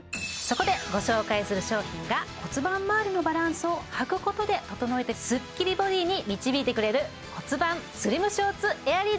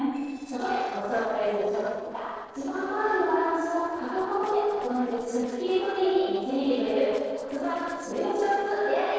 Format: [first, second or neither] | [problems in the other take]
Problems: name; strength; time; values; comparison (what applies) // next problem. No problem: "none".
first | noise reduction (neural separator model SepFormer DNS4)